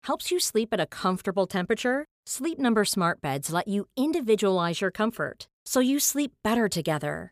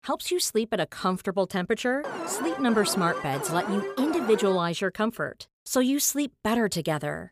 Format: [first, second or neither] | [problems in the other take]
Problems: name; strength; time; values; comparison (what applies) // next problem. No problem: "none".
first | alarm; noticeable; from 2 to 4.5 s; peak 6 dB below the speech